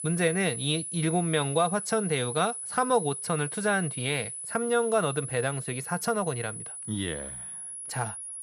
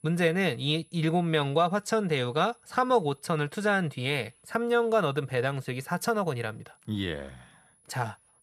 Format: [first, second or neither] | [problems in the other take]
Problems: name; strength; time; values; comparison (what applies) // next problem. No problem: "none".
second | high-pitched whine; loud; throughout; 10 kHz, 6 dB below the speech; faint in the second